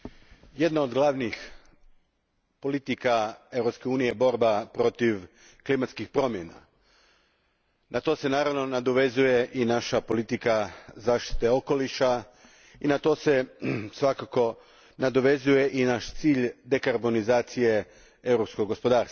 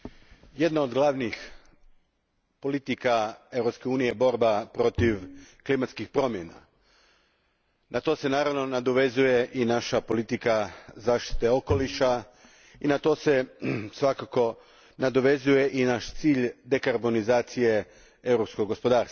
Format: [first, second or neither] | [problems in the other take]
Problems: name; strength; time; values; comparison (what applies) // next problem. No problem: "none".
first | background sound (Bowed string instrument); 6 dB below the speech